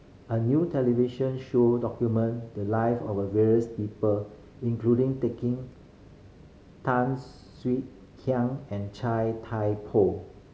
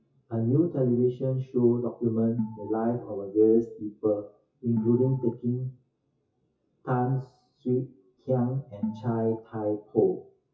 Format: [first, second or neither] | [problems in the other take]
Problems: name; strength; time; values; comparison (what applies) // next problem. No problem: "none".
first | noise reduction (classical method WPE with log-MMSE)